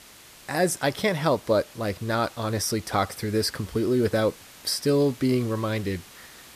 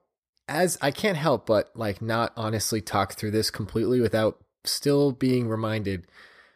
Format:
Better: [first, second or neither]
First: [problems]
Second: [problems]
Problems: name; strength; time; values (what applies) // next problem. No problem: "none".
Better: second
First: hiss; faint; throughout; 20 dB below the speech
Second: none